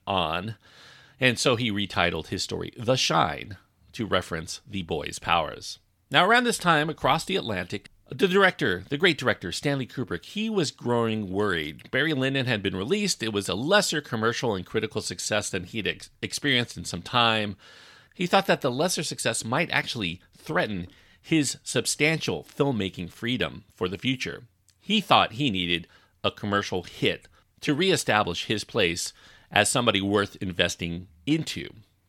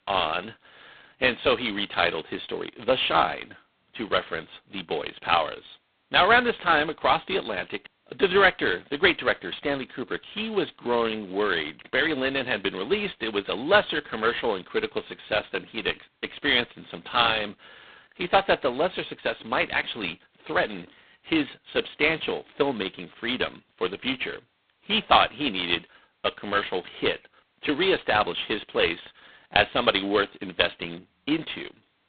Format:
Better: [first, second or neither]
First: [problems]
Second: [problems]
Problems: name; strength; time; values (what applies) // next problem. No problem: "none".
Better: first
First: none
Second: phone-call audio; poor line; nothing above 3.5 kHz